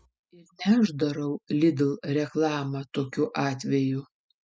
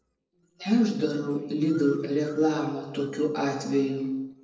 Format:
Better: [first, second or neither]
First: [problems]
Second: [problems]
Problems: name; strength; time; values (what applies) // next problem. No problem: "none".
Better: first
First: none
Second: noise reduction (neural separator model SepFormer DNS4)